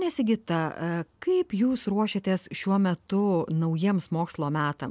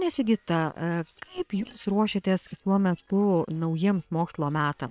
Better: first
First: none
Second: noise reduction (neural separator model SepFormer WHAM!)

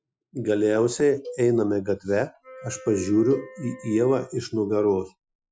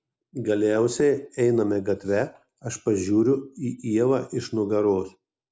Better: second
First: noise reduction (classical method Wiener filter)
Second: none

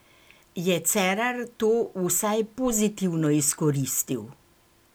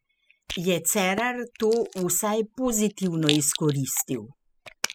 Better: first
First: none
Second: noise reduction (classical method spectral subtraction)

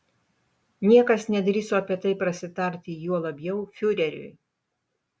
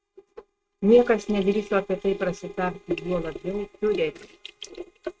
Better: first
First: none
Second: noise reduction (neural mask model RNNoise)

